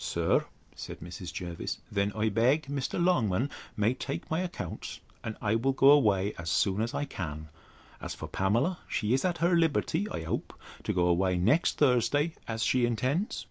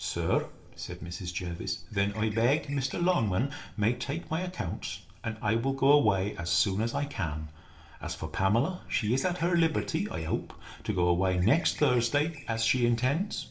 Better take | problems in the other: first | background sound (Bird); 19 dB below the speech // room echo; dies away in 0.9 s

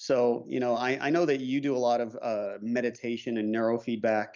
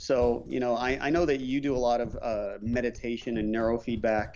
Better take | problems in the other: first | background sound (Run); 14 dB below the speech

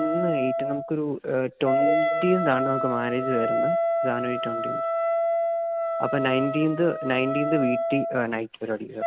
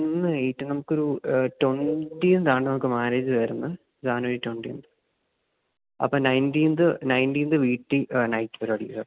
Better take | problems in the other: second | background sound (Wind instrument, woodwind instrument); as loud as the speech

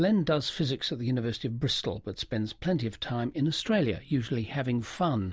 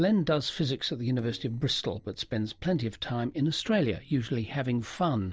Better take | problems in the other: first | noise reduction (neural separator model SepFormer DNS4)

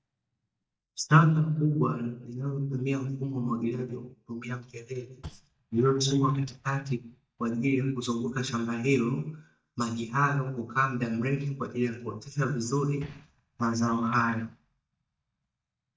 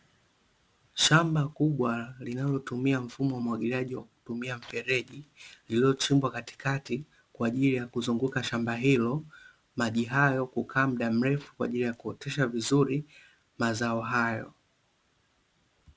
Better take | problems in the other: second | noise reduction (neural mask model DeepFilterNet 3)

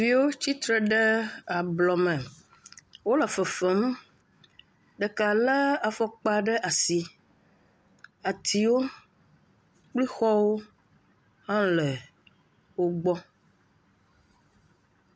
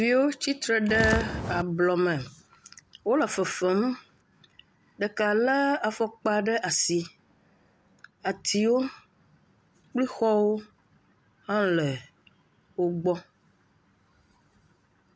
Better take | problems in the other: first | background sound (Walk, footsteps); 1 dB below the speech

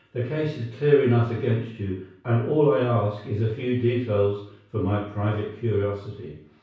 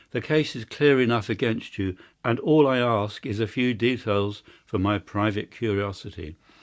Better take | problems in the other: second | room echo; dies away in 0.6 s

